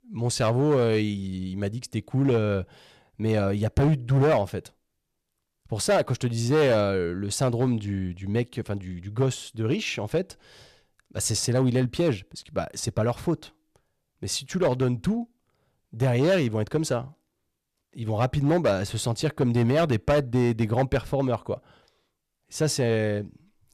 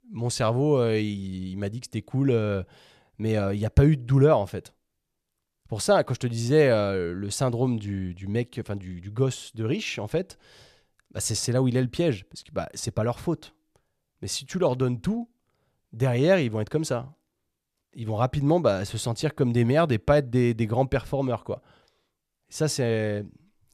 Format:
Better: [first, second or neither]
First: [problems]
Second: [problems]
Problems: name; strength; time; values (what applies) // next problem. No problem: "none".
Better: second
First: distortion; slight; 5% of the sound clipped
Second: none